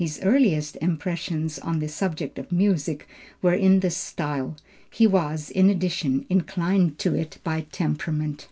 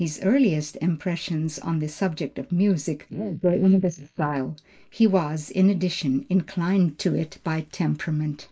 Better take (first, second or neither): first